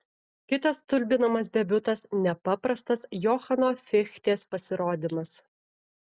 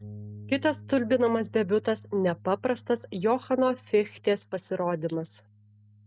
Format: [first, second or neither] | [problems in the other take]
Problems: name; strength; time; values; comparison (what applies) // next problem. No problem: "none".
first | background sound (Bass guitar); 20 dB below the speech